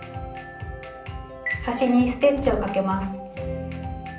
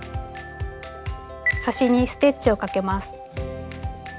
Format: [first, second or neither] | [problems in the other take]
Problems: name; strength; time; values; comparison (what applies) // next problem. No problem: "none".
second | background sound (Explosion); 13 dB below the speech // room echo; dies away in 0.6 s